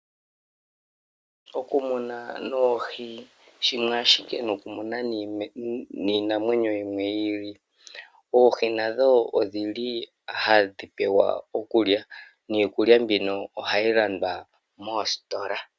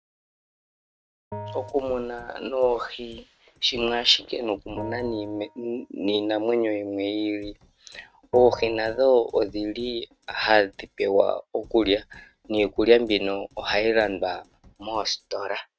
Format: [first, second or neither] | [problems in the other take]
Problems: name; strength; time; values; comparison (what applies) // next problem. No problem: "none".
first | noise reduction (neural mask model RNNoise)